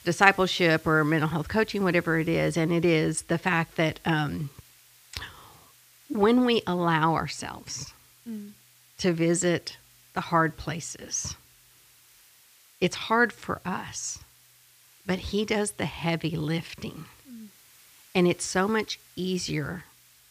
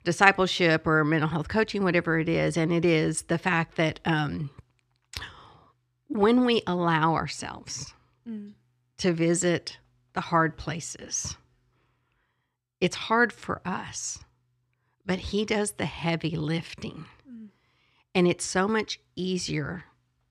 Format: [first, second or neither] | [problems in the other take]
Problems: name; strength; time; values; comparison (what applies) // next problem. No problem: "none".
second | hiss; faint; throughout; 25 dB below the speech